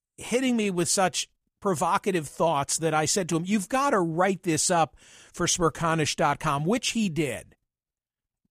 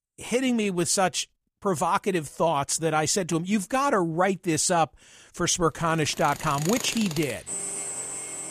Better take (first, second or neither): first